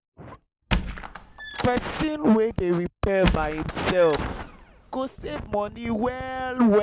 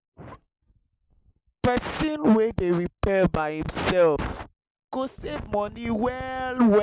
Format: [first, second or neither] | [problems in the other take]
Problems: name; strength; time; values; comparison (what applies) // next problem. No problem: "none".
second | background sound (Squeak); 8 dB below the speech